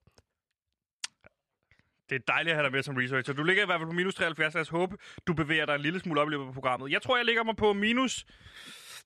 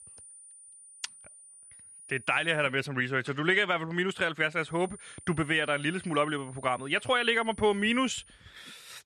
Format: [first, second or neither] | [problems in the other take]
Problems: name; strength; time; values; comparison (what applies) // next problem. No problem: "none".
first | high-pitched whine; faint; until 2.5 s and from 4.5 to 8.5 s; 9.5 kHz, 20 dB below the speech